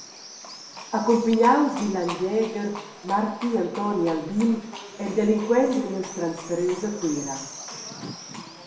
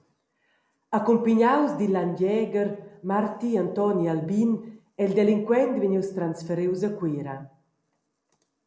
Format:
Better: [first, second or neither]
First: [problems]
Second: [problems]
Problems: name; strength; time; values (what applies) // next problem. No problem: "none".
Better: second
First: background sound (Livestock, farm animals, working animals); 14 dB below the speech // room echo; dies away in 0.3 s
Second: none